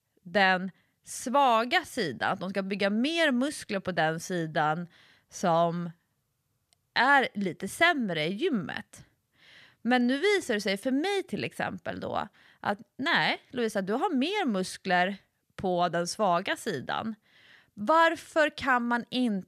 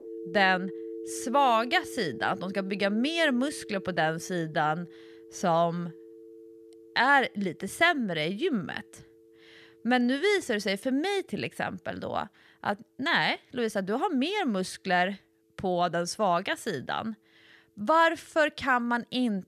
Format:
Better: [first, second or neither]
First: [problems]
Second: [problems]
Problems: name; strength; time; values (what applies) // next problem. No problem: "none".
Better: first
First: none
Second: alarms or sirens; noticeable; throughout; 15 dB below the speech